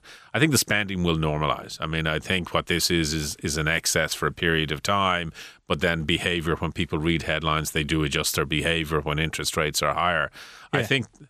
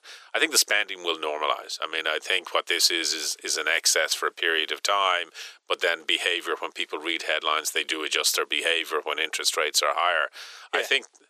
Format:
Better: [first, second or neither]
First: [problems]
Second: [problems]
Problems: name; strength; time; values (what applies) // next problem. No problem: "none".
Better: first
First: none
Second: thin; very; fading below 400 Hz